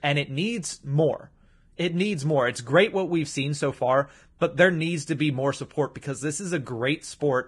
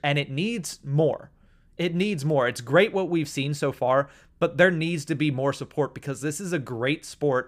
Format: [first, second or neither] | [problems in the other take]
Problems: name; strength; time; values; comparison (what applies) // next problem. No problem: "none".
second | garbled, watery; badly; nothing above 10 kHz